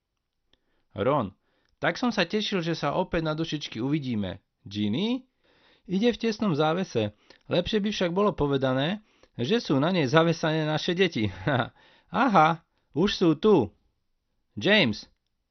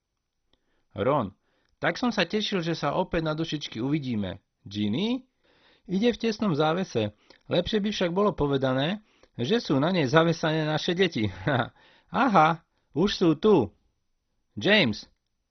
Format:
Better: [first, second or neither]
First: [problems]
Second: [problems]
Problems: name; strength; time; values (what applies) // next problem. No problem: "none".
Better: first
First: garbled, watery; slightly; nothing above 6 kHz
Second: garbled, watery; badly; nothing above 6 kHz